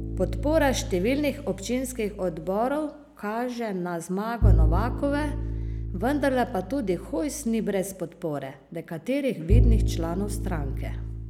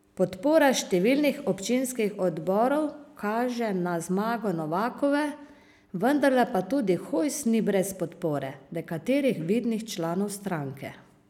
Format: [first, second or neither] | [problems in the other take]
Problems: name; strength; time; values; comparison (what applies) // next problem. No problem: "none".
second | background sound (Bowed string instrument); as loud as the speech